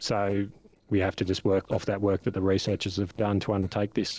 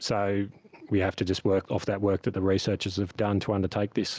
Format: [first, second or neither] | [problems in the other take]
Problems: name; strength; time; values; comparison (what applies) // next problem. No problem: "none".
second | noise reduction (neural separator model SepFormer DNS4)